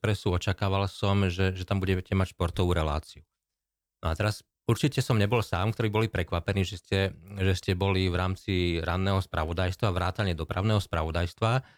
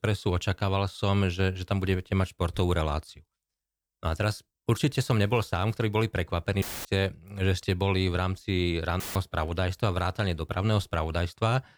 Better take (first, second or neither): first